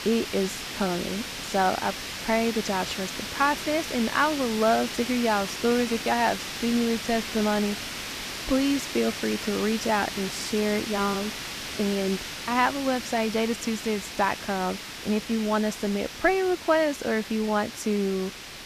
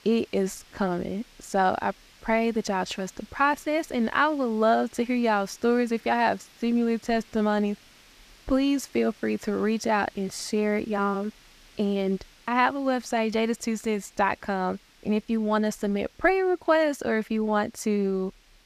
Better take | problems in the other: second | hiss; loud; throughout; 7 dB below the speech; faint in the second

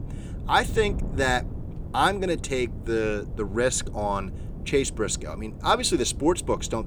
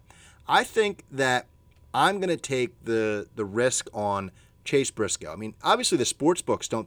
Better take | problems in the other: second | wind noise on the microphone; occasional gusts; 20 dB below the speech

